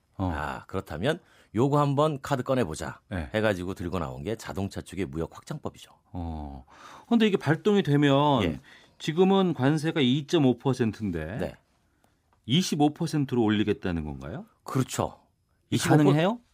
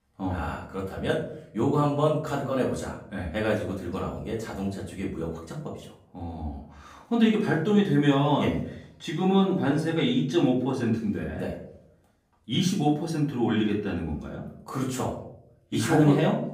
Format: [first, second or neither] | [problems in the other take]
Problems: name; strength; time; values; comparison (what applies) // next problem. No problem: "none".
first | off-mic speech; far // room echo; slight; dies away in 0.5 s